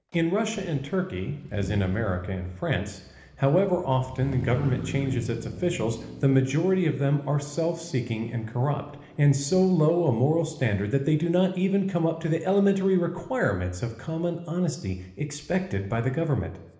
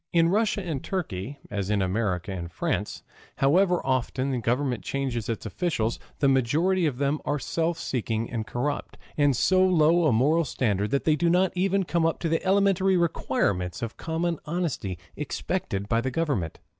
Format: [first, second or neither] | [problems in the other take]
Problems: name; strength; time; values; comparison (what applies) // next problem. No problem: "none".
second | background sound (Motor vehicle (road)); 17 dB below the speech // room echo; dies away in 1 s